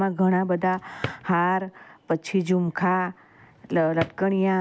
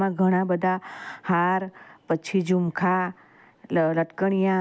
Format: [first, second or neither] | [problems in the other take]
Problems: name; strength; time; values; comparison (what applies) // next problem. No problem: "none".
second | background sound (Drawer open or close); 15 dB below the speech